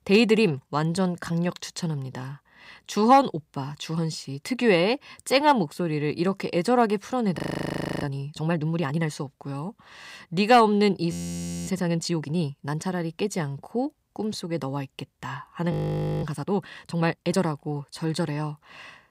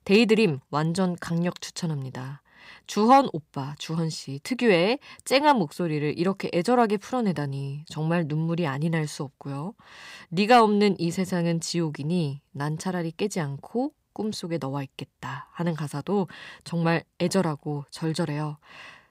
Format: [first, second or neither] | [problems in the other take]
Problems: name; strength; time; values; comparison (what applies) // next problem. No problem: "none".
second | audio freezing; at 7.5 s for 0.5 s, at 11 s for 0.5 s and at 16 s for 0.5 s